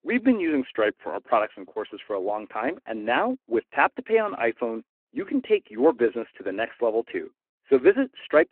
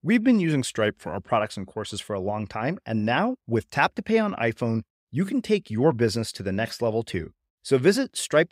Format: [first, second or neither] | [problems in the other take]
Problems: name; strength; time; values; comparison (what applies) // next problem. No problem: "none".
second | phone-call audio